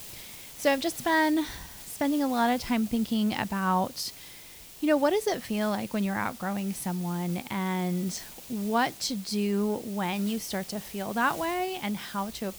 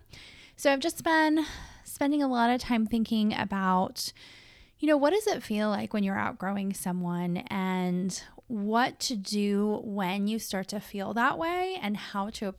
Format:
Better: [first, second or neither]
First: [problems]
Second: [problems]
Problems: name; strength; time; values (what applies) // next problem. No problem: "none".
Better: second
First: hiss; noticeable; throughout; 15 dB below the speech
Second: none